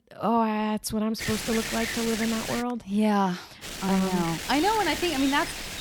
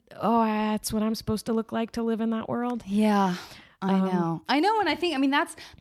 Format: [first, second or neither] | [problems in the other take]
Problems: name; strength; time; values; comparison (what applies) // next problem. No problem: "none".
second | wind noise on the microphone; heavy; from 1 to 2.5 s and from 3.5 s on; 5 dB below the speech